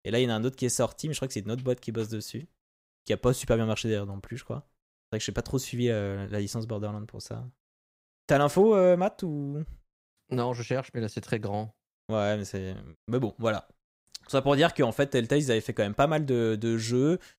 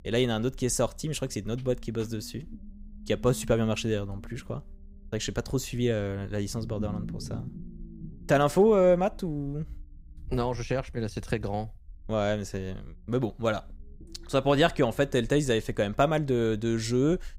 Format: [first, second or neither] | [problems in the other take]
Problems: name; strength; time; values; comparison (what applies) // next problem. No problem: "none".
first | low rumble; faint; throughout; 25 dB below the speech